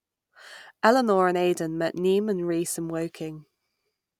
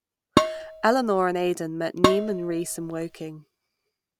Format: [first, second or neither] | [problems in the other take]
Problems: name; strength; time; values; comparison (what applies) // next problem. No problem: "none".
first | background sound (Dishes, pots, and pans); as loud as the speech